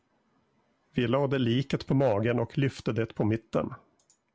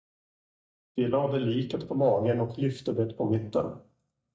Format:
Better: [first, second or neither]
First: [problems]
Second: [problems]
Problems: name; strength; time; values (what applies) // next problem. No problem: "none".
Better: first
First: none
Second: noise reduction (neural mask model DeepFilterNet 3)